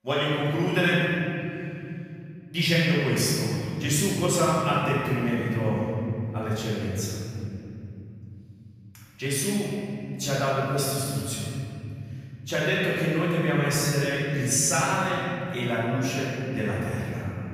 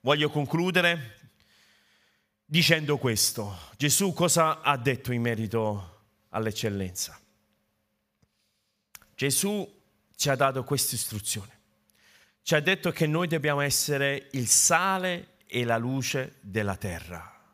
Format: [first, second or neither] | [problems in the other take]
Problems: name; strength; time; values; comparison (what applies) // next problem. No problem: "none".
second | room echo; strong; dies away in 3 s // off-mic speech; far